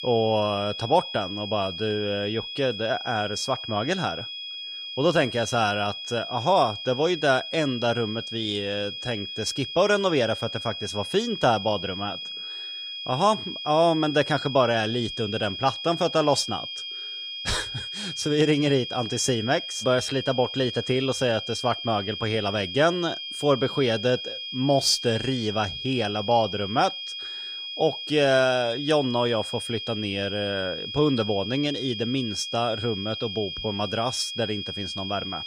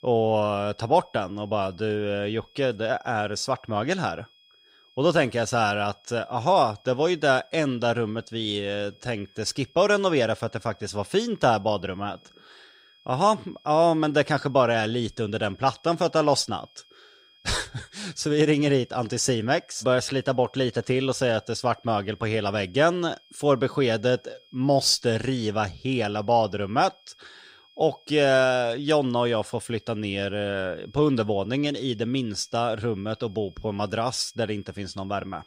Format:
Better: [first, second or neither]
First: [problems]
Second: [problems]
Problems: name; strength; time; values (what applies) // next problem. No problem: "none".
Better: second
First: high-pitched whine; loud; throughout; 3 kHz, 7 dB below the speech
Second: high-pitched whine; faint; throughout; 3 kHz, 30 dB below the speech